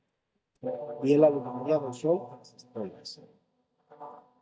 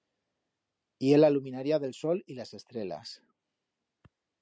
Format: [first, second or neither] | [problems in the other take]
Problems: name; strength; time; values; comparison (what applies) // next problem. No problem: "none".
second | noise reduction (neural mask model DeepFilterNet 3)